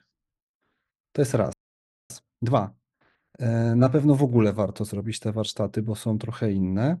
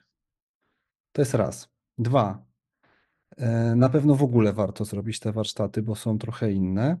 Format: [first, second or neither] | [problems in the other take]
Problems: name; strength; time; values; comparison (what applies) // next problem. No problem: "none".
second | audio freezing; at 1.5 s for 0.5 s